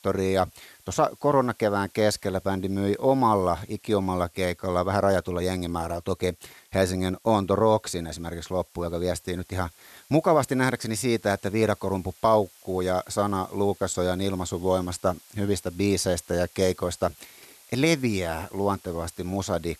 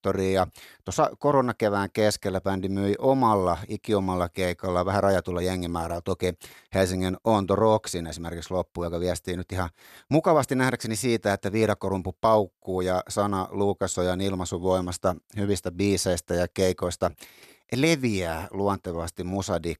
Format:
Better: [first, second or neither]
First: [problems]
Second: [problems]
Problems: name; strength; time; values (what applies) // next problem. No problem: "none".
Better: second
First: hiss; faint; throughout; 25 dB below the speech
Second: none